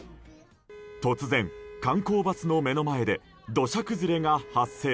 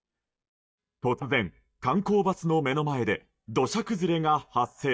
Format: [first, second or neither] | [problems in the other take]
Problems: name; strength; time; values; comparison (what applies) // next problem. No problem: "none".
first | noise reduction (neural mask model DeepFilterNet 3)